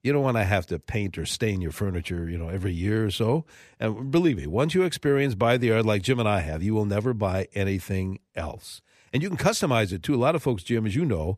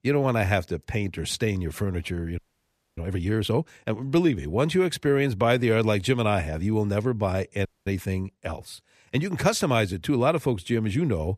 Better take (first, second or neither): first